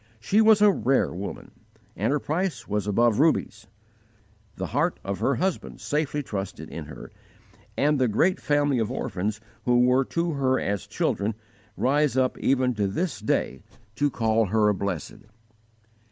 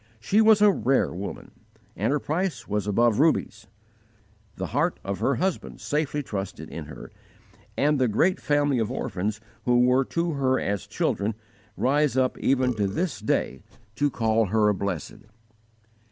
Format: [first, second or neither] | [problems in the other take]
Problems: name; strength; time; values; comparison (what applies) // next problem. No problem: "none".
first | background sound (Burping, eructation); 18 dB below the speech